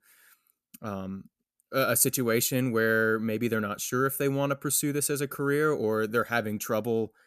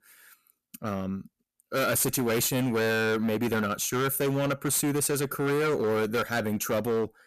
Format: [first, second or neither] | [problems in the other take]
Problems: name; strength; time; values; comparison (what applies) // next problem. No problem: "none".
first | distortion; heavy; 20% of the sound clipped